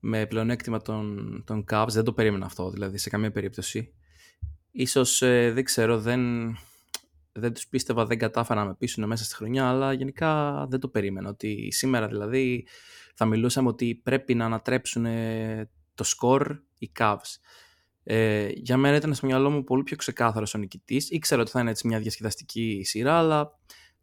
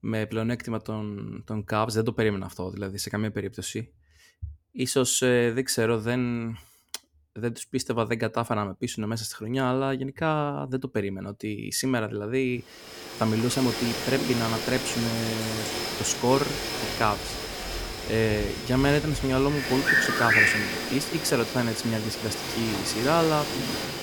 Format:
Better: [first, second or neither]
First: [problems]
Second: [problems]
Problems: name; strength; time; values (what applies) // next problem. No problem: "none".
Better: first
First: none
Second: animal sounds; loud; from 13 s on; 1 dB below the speech